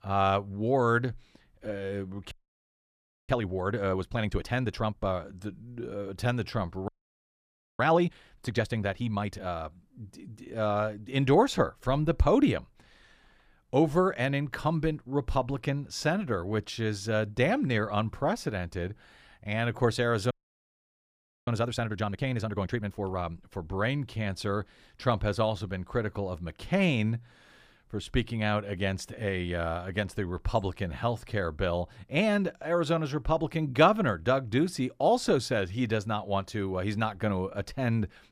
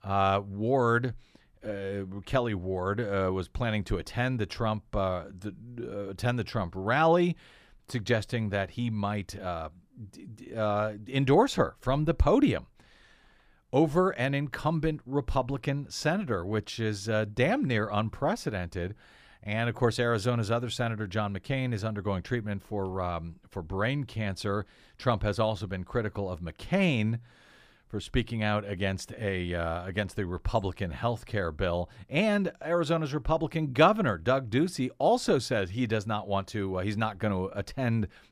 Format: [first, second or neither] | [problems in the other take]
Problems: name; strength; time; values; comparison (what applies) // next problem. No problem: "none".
second | audio freezing; at 2.5 s for 1 s, at 7 s for 1 s and at 20 s for 1 s